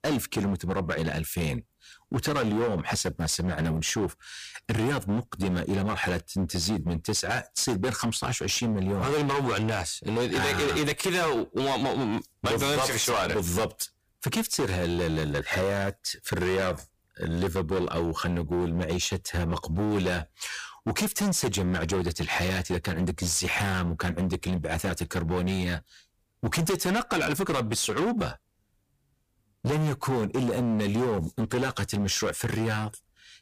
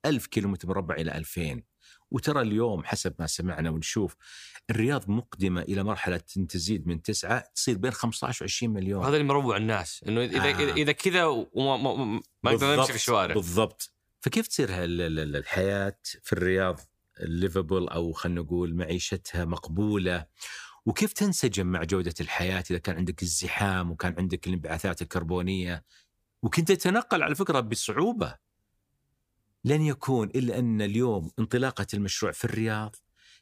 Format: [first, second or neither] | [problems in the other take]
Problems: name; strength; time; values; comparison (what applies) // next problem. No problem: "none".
second | distortion; heavy; 19% of the sound clipped